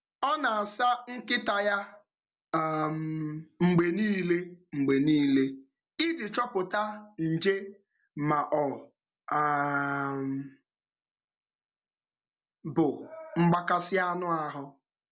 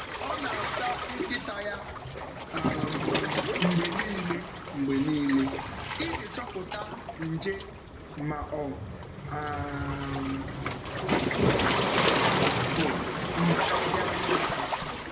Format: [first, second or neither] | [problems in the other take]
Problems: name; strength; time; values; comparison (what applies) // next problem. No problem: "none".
first | background sound (Waves, surf); 3 dB above the speech // room echo; dies away in 1.2 s